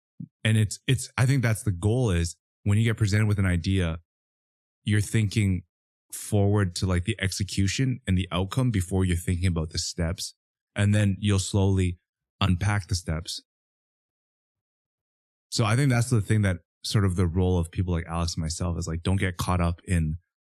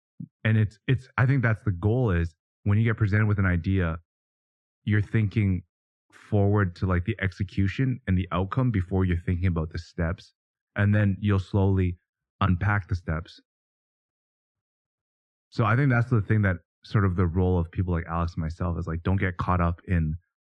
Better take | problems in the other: first | muffled; very; fading above 1.5 kHz

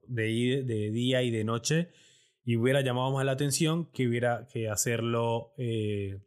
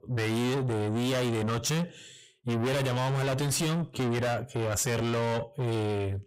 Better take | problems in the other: first | distortion; heavy; 6 dB below the speech

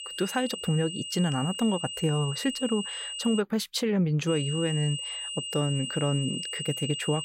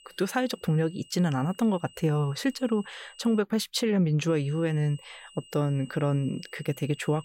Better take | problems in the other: second | high-pitched whine; loud; until 3.5 s and from 4.5 s on; 3 kHz, 5 dB below the speech; faint in the second

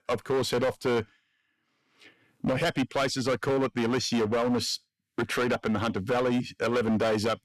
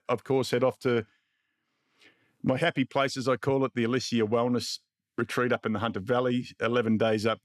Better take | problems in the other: second | distortion; heavy; 16% of the sound clipped

